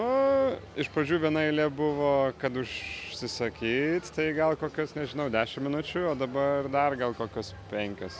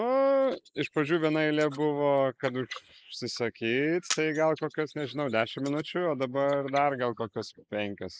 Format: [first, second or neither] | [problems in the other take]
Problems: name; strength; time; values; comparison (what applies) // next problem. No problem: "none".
first | noise reduction (neural mask model Resemble Enhance denoiser)